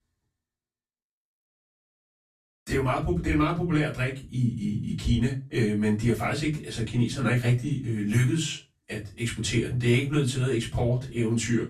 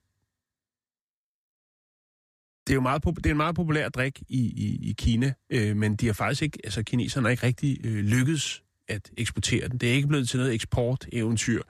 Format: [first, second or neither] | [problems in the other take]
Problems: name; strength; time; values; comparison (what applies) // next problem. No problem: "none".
second | off-mic speech; far // room echo; very slight; dies away in 0.2 s